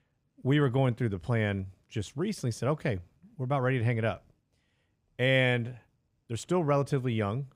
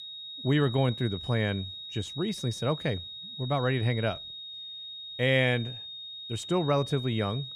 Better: first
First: none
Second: high-pitched whine; loud; throughout; 3.5 kHz, 9 dB below the speech

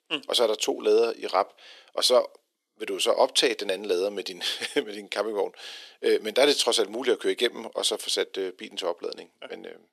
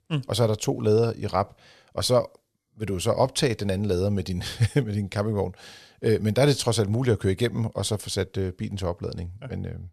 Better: second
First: thin; very; fading below 300 Hz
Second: none

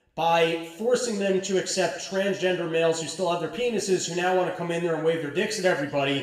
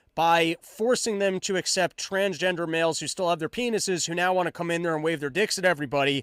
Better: second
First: room echo; noticeable; dies away in 0.8 s // off-mic speech; far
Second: none

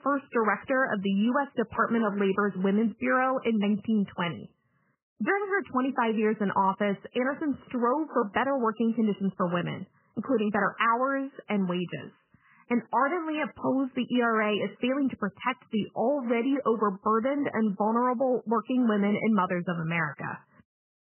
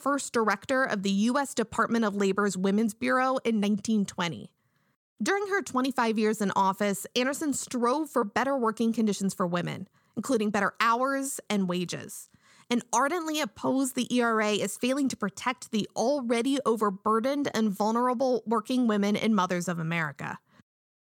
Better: second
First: garbled, watery; badly; nothing above 3 kHz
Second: none

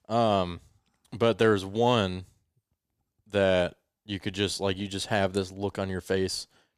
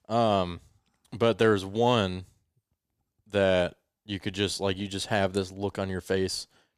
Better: neither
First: none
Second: none

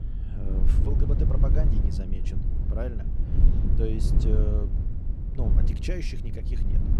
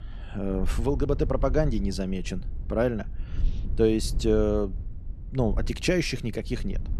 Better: second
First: low rumble; loud; throughout; 2 dB below the speech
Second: low rumble; faint; throughout; 20 dB below the speech

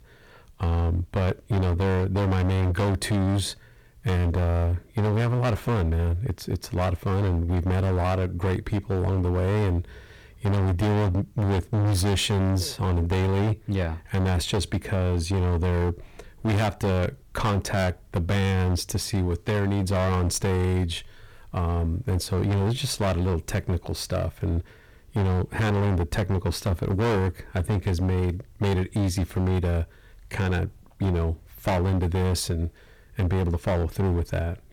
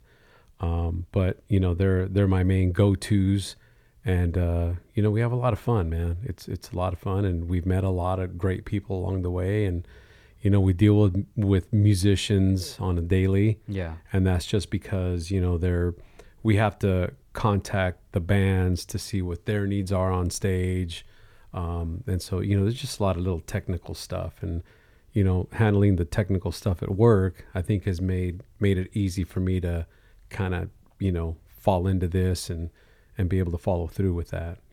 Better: second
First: distortion; heavy; 26% of the sound clipped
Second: none

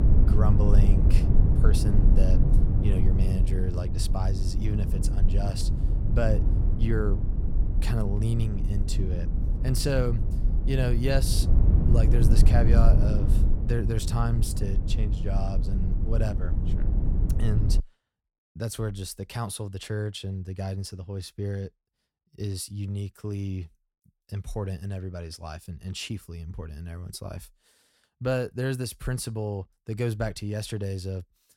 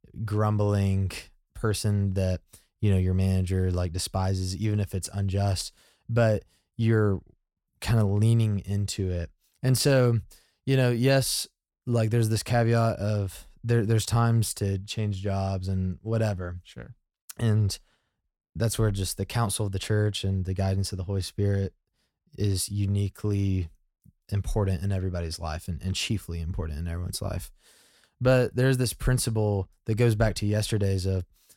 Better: second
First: low rumble; loud; until 18 s; 4 dB below the speech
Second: none

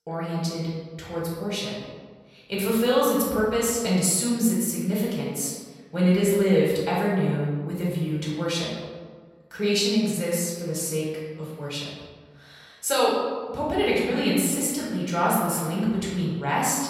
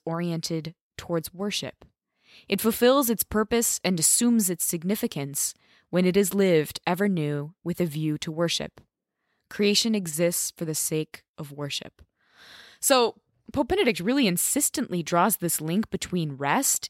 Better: second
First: room echo; noticeable; dies away in 1.3 s // off-mic speech; far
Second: none

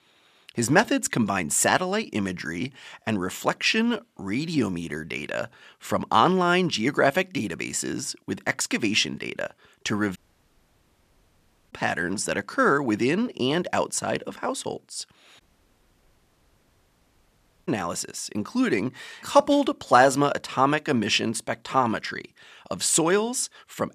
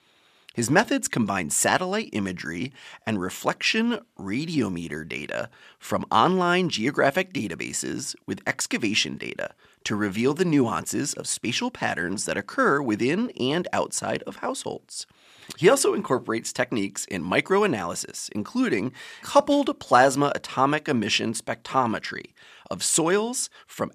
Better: second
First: audio cutting out; at 10 s for 1.5 s and at 15 s for 2.5 s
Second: none

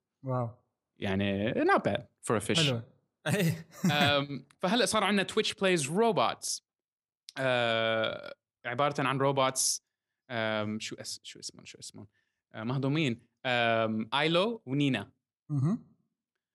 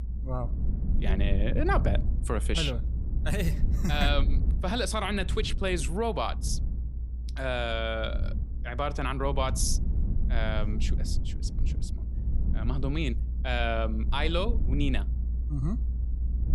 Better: first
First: none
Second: low rumble; noticeable; throughout; 15 dB below the speech

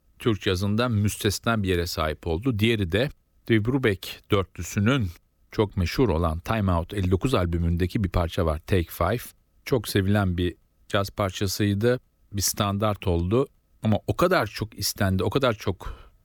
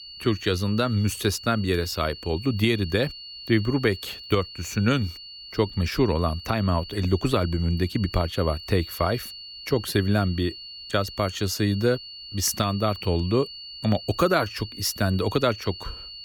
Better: first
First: none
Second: high-pitched whine; noticeable; throughout; 4.5 kHz, 15 dB below the speech

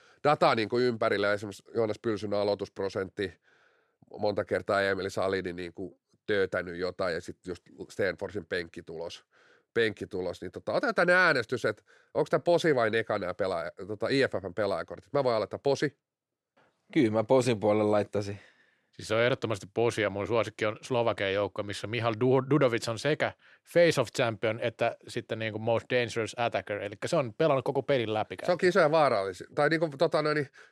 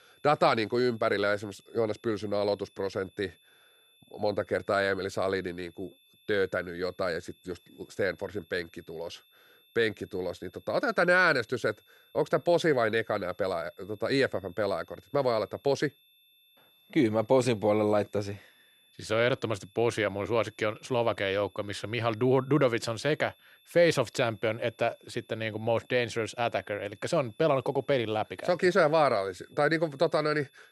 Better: first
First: none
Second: high-pitched whine; faint; throughout; 3.5 kHz, 30 dB below the speech

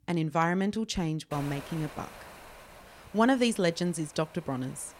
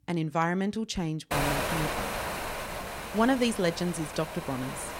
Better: first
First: wind noise on the microphone; occasional gusts; from 1.5 s on; 15 dB below the speech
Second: wind noise on the microphone; heavy; from 1.5 s on; 2 dB below the speech

